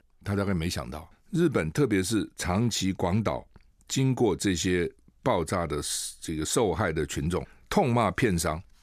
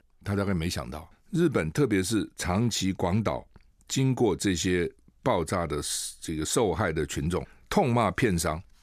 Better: neither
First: none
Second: none

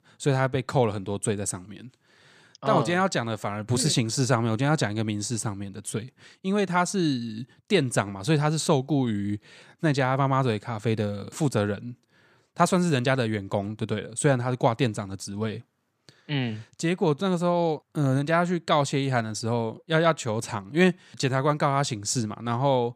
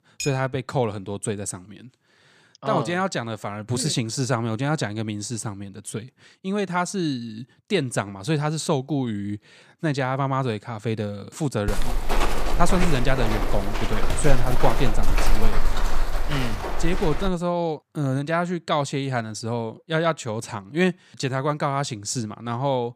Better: first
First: none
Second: clattering dishes; noticeable; at the start; peak 7 dB below the speech // footsteps; loud; from 12 to 17 s; peak 1 dB above the speech

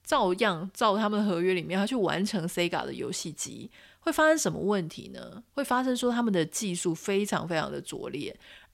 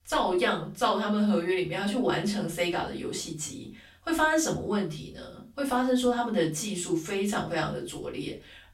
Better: first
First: none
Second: off-mic speech; far // room echo; slight; dies away in 0.3 s

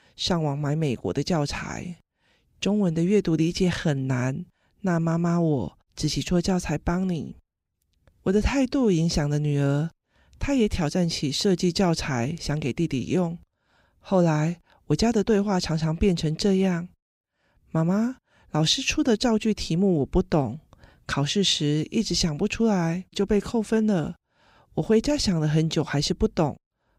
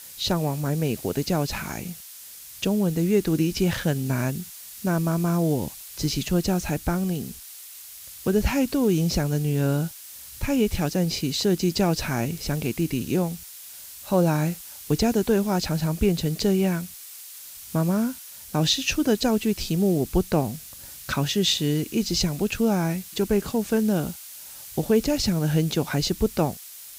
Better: first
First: none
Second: hiss; noticeable; throughout; 15 dB below the speech

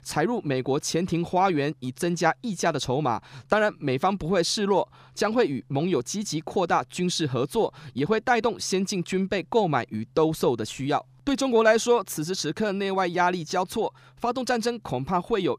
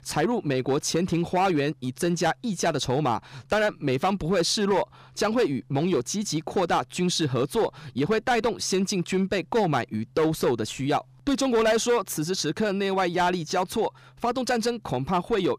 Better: first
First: none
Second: distortion; slight; 7% of the sound clipped

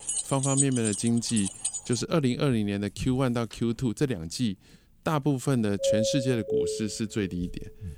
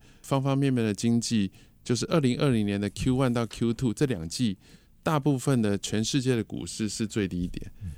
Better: second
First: jangling keys; loud; until 2 s; peak 2 dB above the speech // doorbell; loud; from 6 to 7 s; peak 2 dB above the speech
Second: none

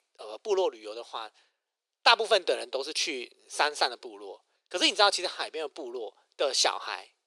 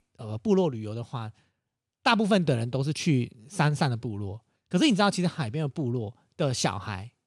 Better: second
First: thin; very; fading below 400 Hz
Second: none

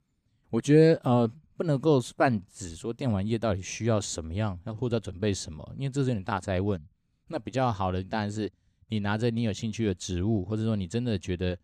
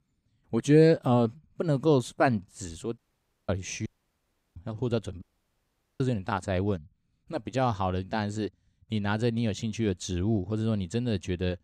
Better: first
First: none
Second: audio cutting out; at 3 s for 0.5 s, at 4 s for 0.5 s and at 5 s for 1 s

